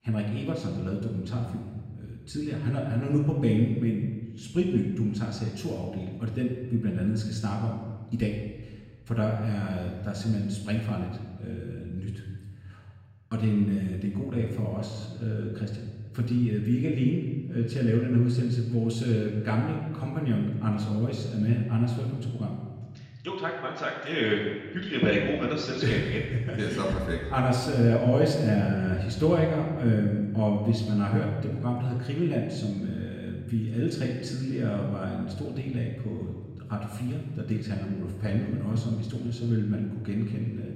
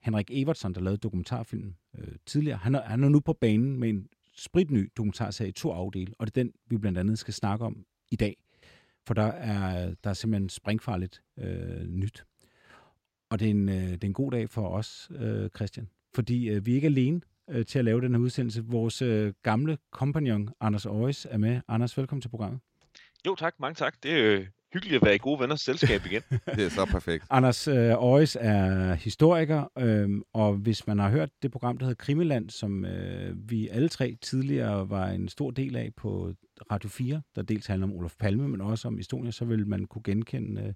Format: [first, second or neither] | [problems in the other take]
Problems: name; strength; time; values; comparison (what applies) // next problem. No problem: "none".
second | off-mic speech; far // room echo; noticeable; dies away in 1.2 s